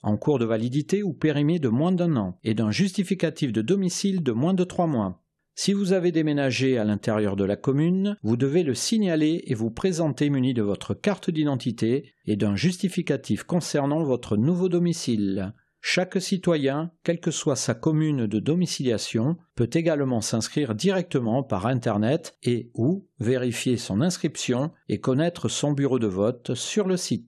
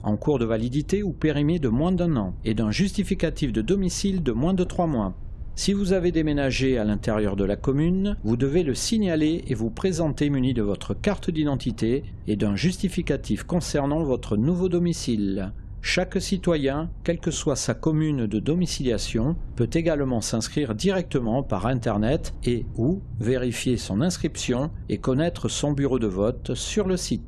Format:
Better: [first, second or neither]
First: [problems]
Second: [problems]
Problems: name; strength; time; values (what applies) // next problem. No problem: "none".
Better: first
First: none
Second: low rumble; faint; throughout; 25 dB below the speech